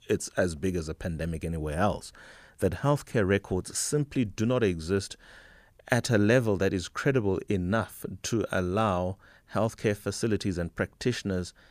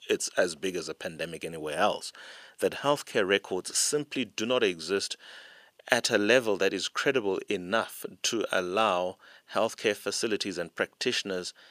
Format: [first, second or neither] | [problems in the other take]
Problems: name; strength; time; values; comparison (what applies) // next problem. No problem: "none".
first | thin; somewhat; fading below 350 Hz